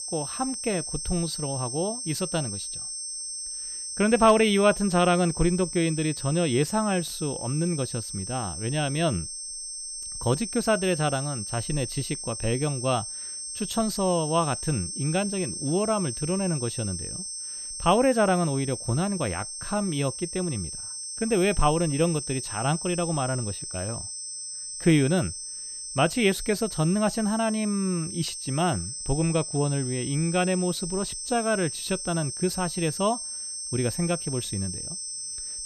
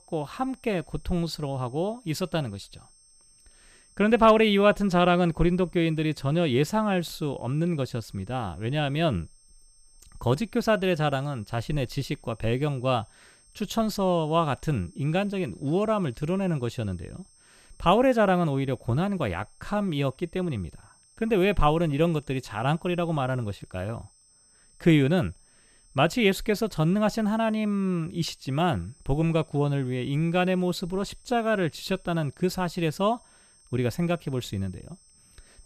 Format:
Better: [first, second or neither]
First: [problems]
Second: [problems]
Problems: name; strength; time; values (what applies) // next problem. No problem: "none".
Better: second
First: high-pitched whine; loud; throughout; 8.5 kHz, 6 dB below the speech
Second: high-pitched whine; faint; throughout; 8.5 kHz, 30 dB below the speech